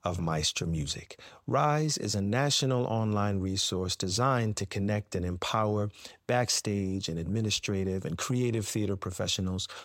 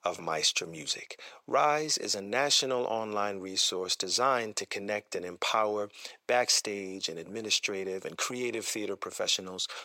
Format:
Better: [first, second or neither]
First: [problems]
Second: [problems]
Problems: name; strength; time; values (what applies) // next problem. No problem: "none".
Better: first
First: none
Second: thin; very; fading below 450 Hz